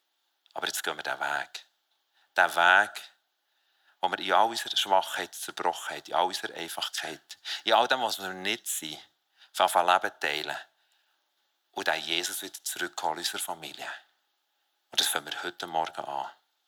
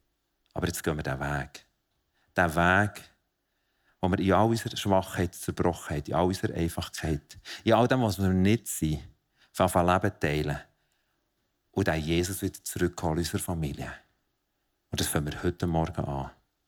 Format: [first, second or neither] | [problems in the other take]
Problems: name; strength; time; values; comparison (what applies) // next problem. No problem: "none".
second | thin; very; fading below 700 Hz